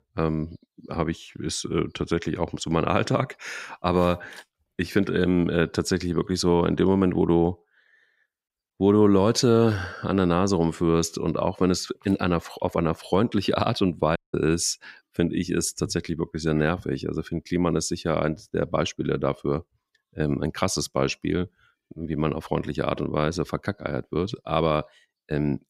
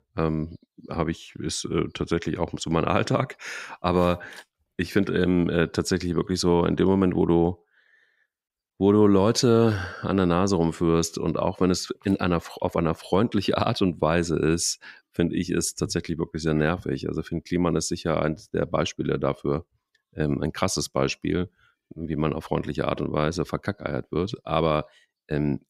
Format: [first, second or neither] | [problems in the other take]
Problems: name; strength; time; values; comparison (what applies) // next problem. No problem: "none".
second | audio cutting out; at 14 s